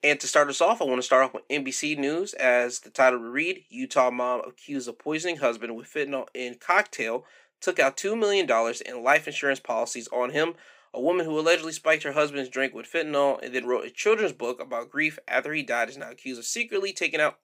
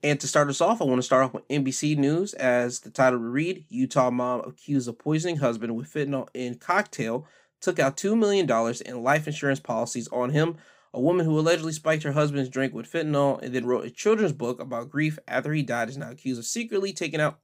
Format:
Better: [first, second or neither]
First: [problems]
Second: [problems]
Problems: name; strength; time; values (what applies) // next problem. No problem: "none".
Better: second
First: thin; somewhat; fading below 450 Hz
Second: none